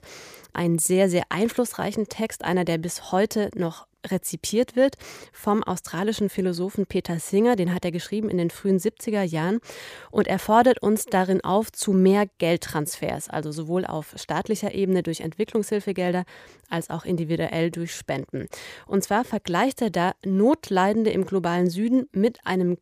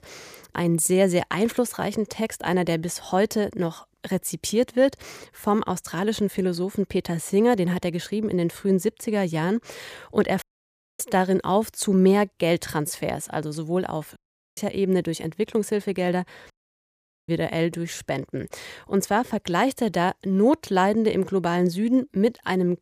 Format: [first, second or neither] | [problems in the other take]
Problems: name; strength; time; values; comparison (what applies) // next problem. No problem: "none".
first | audio cutting out; at 10 s for 0.5 s, at 14 s and at 17 s for 1 s